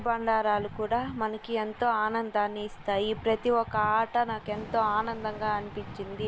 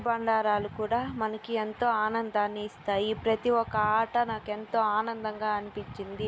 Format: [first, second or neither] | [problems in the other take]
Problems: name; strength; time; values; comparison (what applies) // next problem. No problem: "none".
second | background sound (Thunder / Rain); 18 dB below the speech